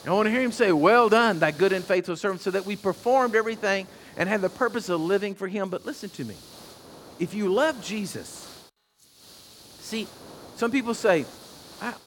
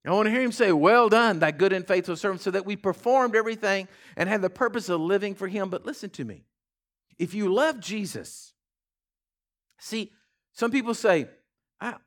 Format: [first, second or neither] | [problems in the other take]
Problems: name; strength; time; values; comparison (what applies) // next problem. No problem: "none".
second | hiss; faint; throughout; 20 dB below the speech